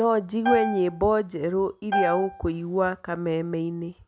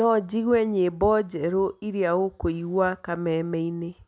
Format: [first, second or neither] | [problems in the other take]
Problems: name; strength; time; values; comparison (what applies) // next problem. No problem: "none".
second | background sound (Piano); 5 dB below the speech